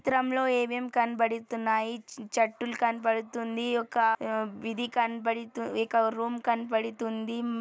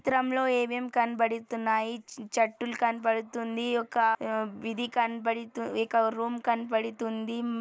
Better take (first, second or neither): first